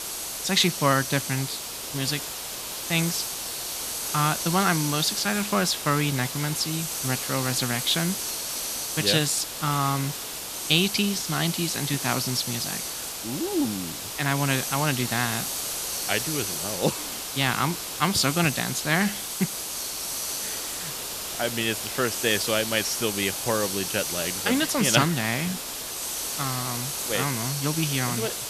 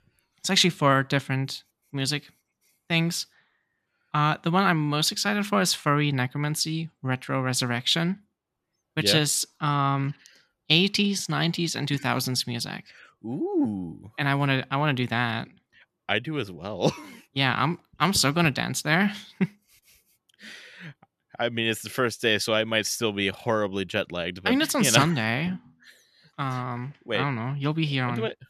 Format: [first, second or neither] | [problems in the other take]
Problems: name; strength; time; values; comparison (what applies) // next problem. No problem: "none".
second | hiss; loud; throughout; 3 dB below the speech